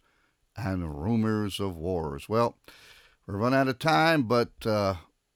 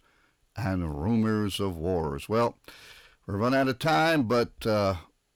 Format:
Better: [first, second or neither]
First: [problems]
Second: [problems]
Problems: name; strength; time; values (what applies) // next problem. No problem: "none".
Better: first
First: none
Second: distortion; slight; 10 dB below the speech